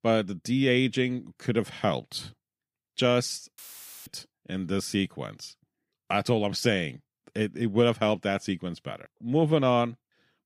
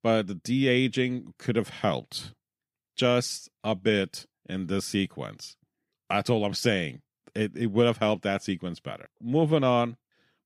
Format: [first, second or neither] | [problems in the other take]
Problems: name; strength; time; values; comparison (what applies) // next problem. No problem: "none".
second | audio cutting out; filled with static; at 3.5 s